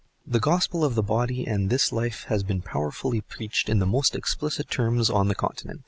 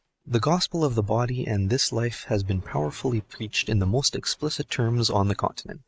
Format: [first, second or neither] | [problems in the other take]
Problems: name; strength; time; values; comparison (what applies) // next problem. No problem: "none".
first | noise reduction (neural mask model RNNoise)